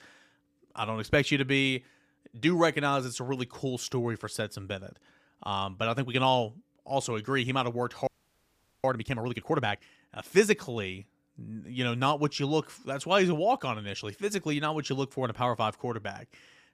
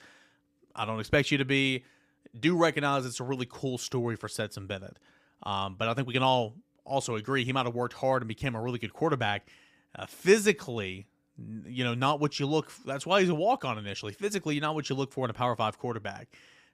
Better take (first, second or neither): second